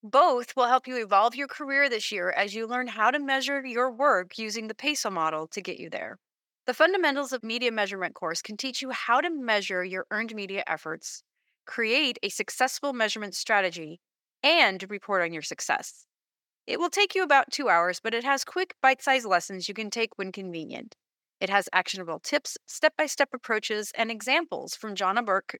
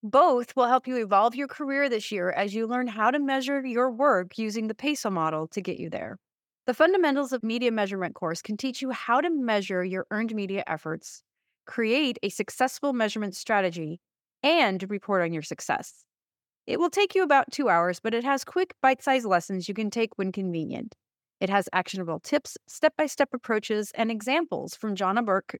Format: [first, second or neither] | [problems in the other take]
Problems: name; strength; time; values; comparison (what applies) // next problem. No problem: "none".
second | thin; very slightly; fading below 600 Hz